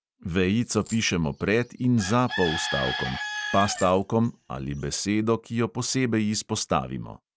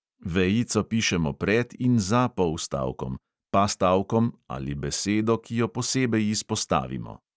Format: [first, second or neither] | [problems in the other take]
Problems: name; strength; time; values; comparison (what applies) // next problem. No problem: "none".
second | background sound (Bird / Chicken, rooster + Coin (dropping)); 9 dB below the speech